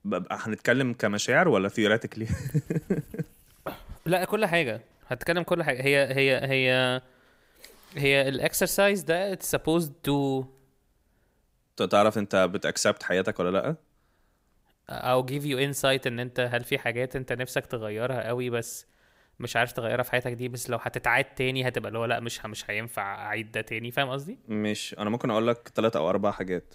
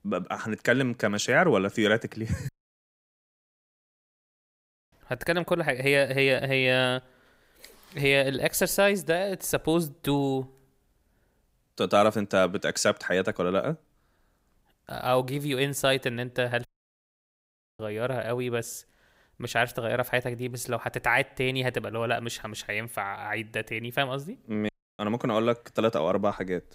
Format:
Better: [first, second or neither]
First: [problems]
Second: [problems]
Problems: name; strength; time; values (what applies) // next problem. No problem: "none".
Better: first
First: none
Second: audio cutting out; at 2.5 s for 2.5 s, at 17 s for 1 s and at 25 s